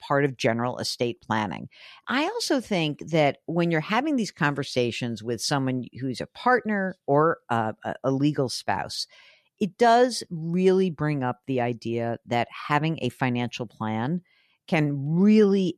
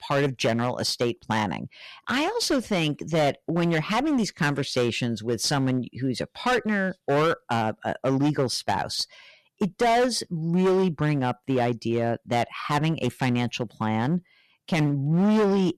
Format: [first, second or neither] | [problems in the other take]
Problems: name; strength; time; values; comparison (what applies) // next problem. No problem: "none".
first | distortion; heavy; 12% of the sound clipped